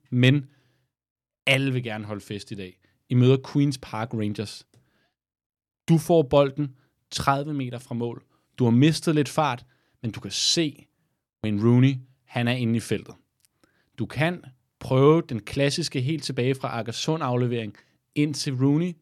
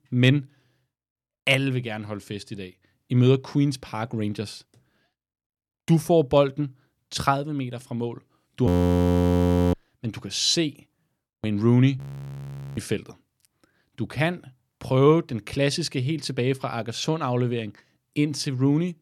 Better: first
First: none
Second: audio freezing; at 8.5 s for 1 s and at 12 s for 1 s

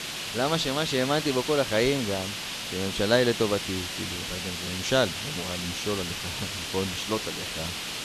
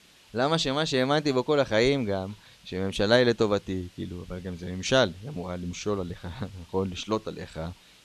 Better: second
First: hiss; loud; throughout; 3 dB below the speech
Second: hiss; faint; throughout; 25 dB below the speech

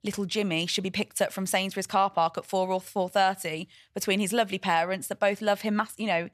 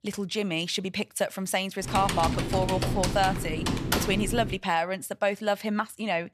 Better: first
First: none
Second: keyboard typing; loud; from 2 to 4.5 s; peak 2 dB above the speech

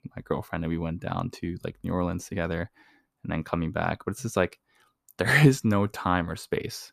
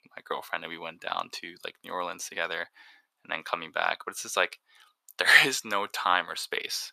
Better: first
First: none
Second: thin; very; fading below 800 Hz

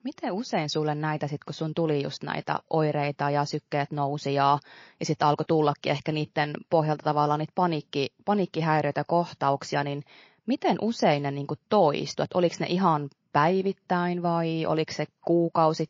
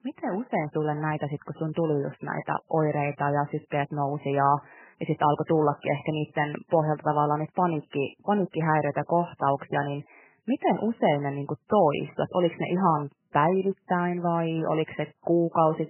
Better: first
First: garbled, watery; slightly; nothing above 6 kHz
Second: garbled, watery; badly; nothing above 3 kHz

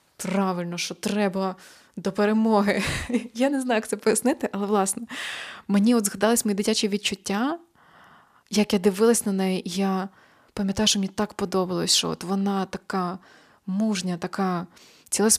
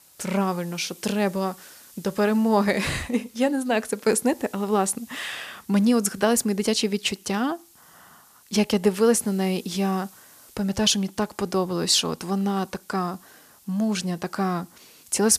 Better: first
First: none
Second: hiss; faint; throughout; 25 dB below the speech

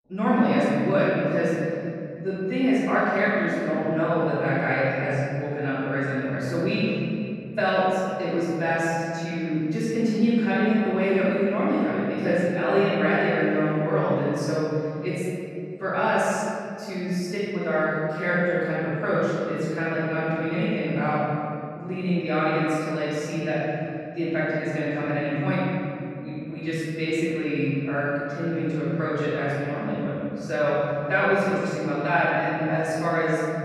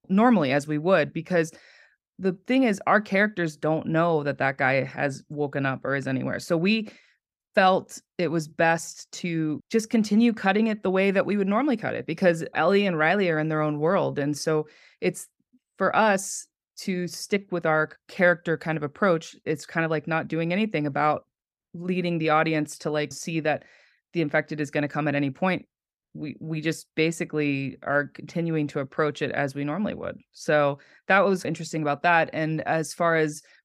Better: second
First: off-mic speech; far // room echo; strong; dies away in 3 s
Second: none

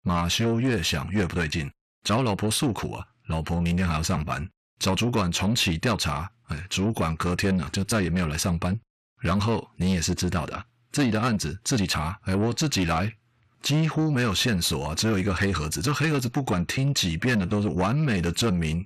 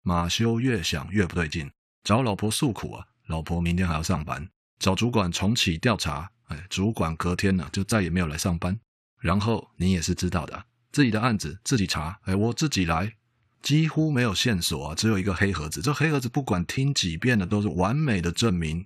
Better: second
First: distortion; slight; 10 dB below the speech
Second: none

